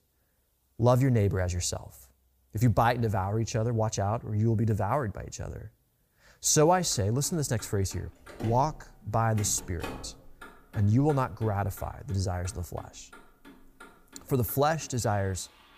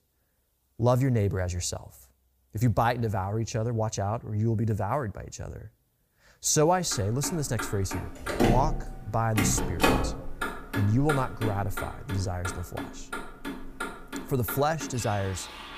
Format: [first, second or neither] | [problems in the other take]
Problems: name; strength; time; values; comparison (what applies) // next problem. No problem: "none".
first | traffic noise; loud; from 7 s on; 5 dB below the speech; faint in the first